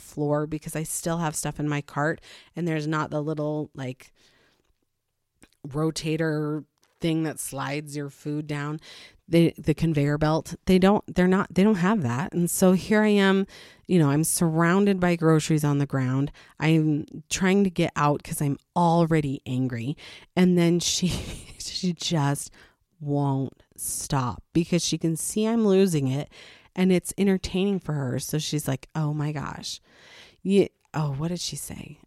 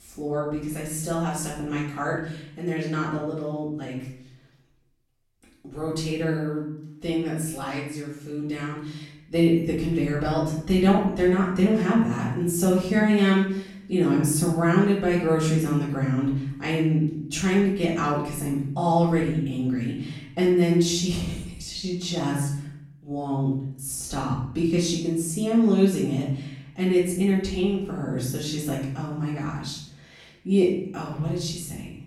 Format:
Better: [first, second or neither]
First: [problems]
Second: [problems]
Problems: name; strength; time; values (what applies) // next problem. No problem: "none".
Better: first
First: none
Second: off-mic speech; far // room echo; noticeable; dies away in 0.6 s